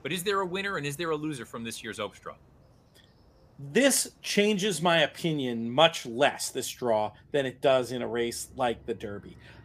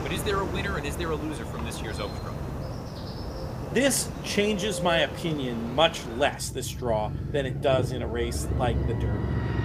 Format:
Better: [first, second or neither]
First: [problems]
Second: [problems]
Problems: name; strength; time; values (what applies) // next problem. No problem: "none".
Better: first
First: traffic noise; faint; throughout; 30 dB below the speech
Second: traffic noise; loud; throughout; 5 dB below the speech